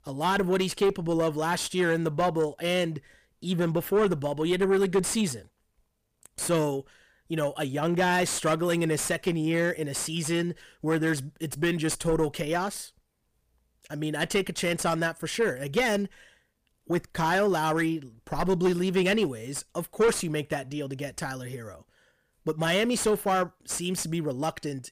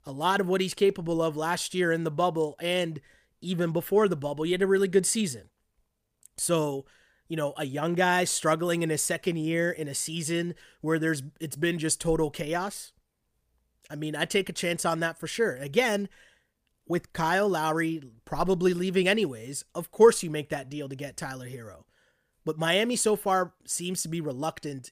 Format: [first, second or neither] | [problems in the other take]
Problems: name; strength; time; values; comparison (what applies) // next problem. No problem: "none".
second | distortion; slight; 9 dB below the speech